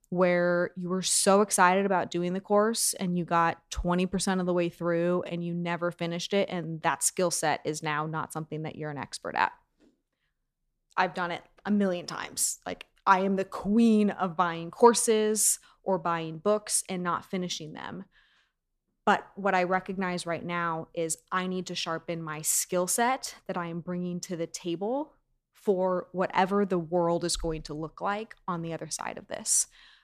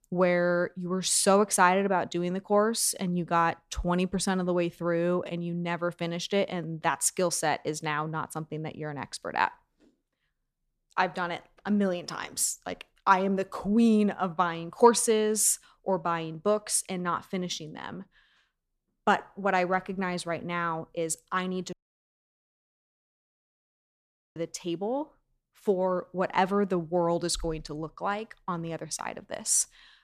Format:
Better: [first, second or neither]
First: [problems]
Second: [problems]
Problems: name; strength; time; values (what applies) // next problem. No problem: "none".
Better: first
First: none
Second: audio cutting out; at 22 s for 2.5 s